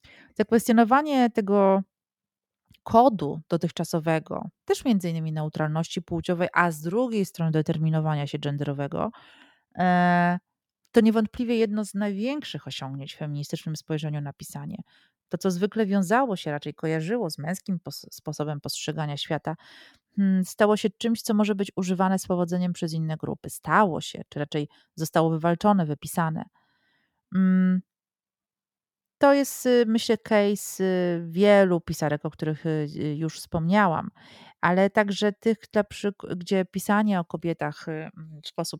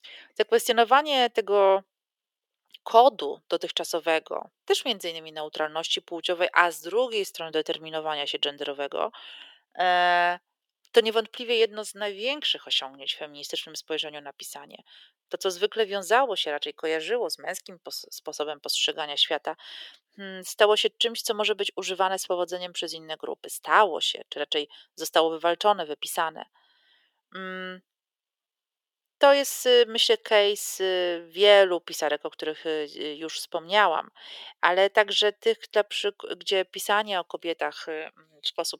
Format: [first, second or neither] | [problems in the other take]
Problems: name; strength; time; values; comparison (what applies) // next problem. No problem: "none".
first | thin; very; fading below 400 Hz